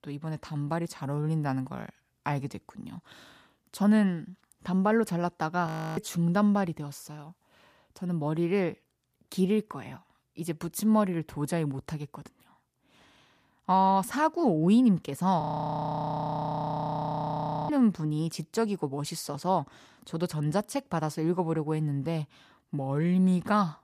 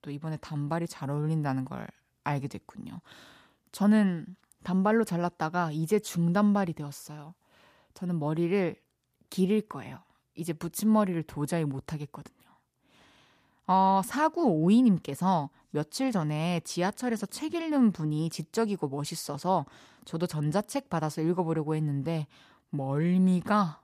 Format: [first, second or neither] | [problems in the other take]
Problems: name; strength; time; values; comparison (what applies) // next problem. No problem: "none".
second | audio freezing; at 5.5 s and at 15 s for 2.5 s